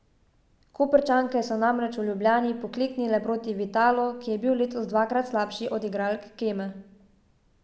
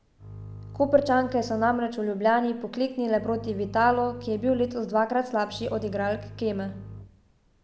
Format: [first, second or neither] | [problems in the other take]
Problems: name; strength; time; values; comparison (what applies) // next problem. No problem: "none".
first | background sound (Bowed string instrument); 16 dB below the speech